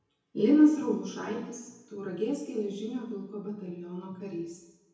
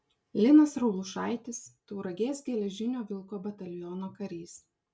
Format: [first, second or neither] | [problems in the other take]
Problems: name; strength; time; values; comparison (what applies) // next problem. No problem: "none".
second | room echo; dies away in 0.9 s